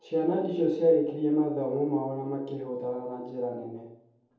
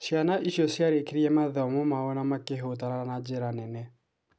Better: second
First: room echo; dies away in 0.7 s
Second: none

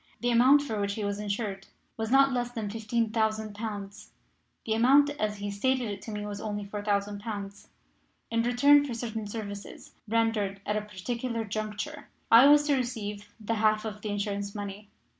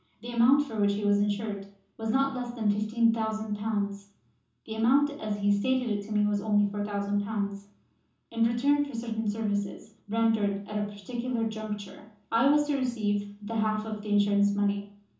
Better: first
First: none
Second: room echo; dies away in 0.6 s

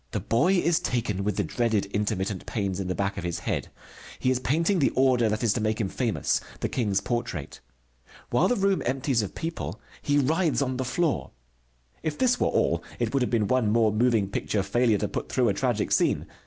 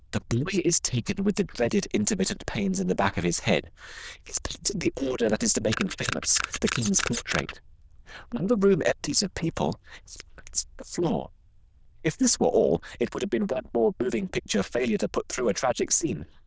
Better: first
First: none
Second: noise reduction (neural diffusion model UNIVERSE++)

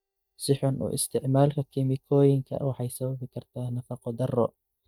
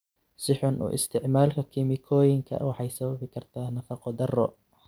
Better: second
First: noise reduction (neural mask model DeepFilterNet 3)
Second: none

